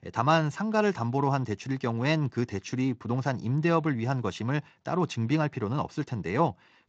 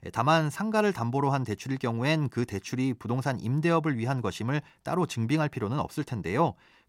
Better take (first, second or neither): second